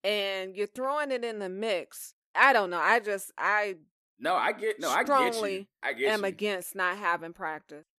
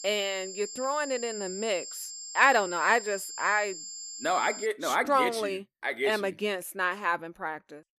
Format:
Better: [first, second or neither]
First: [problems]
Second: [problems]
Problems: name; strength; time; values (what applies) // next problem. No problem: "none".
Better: first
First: none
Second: high-pitched whine; loud; until 4.5 s; 7.5 kHz, 10 dB below the speech